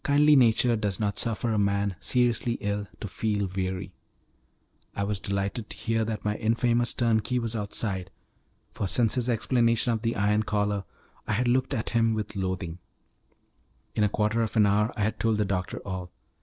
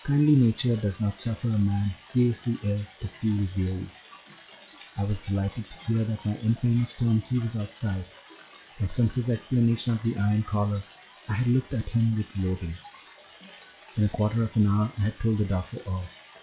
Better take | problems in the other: first | noise reduction (classical method log-MMSE)

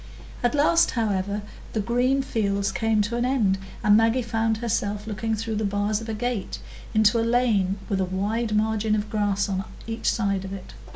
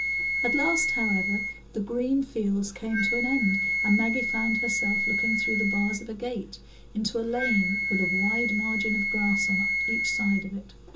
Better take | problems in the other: first | background sound (Wind instrument, woodwind instrument); as loud as the speech // room echo; dies away in 0.2 s

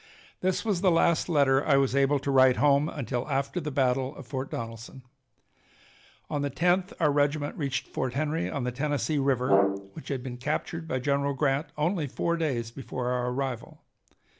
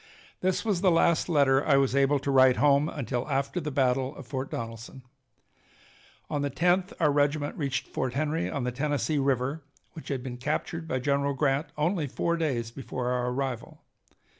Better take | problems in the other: second | background sound (Brass instrument); 2 dB below the speech

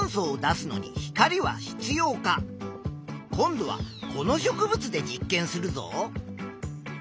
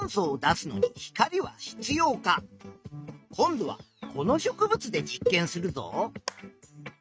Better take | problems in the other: first | noise reduction (neural mask model RNNoise)

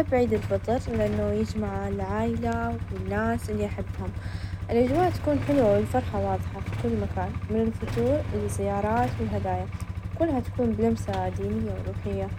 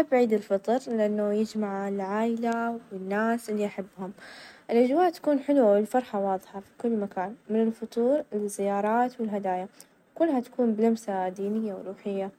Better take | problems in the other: second | background sound (Idling / Engine starting / Motorcycle / Accelerating, revving, vroom); 4 dB below the speech

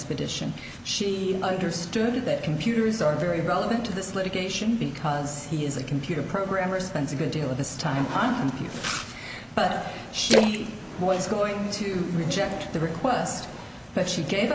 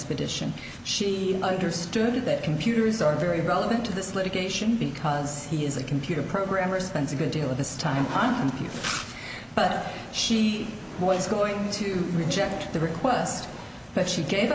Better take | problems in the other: second | background sound (Splash, splatter); 3 dB below the speech

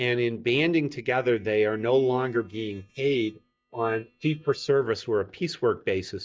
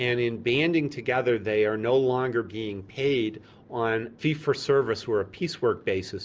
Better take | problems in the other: second | noise reduction (neural mask model DeepFilterNet 3)

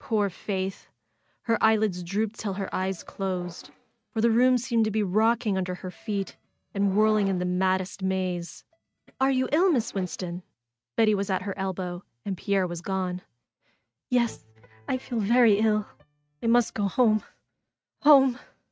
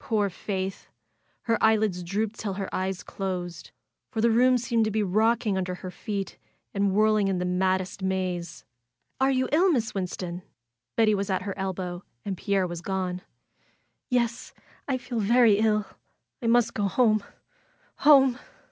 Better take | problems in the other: second | noise reduction (neural mask model RNNoise)

